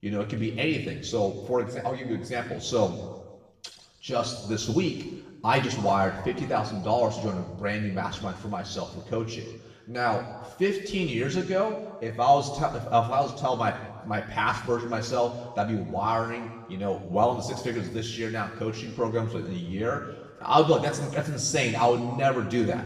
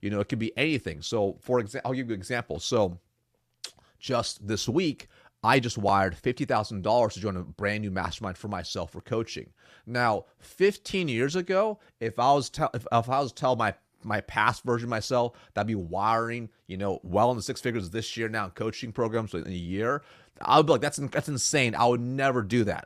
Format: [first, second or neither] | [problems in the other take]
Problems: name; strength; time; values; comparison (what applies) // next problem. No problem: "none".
second | room echo; noticeable; dies away in 1 s // off-mic speech; far